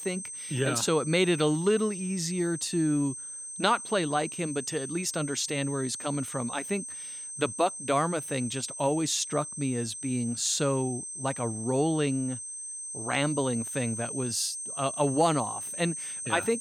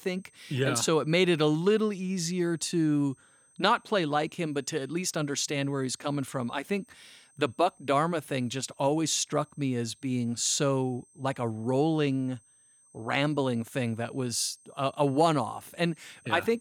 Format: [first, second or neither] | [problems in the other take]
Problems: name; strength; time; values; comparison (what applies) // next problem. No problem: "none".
second | high-pitched whine; loud; throughout; 8.5 kHz, 7 dB below the speech; faint in the second